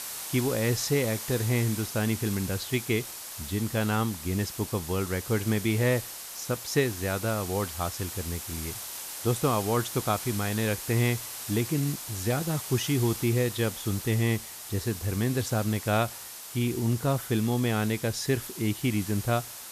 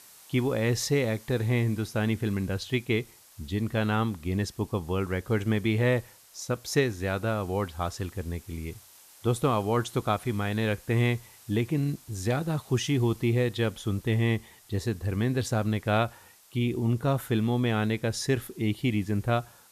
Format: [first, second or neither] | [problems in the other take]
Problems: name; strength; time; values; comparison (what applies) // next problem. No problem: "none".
second | hiss; loud; throughout; 8 dB below the speech; faint in the second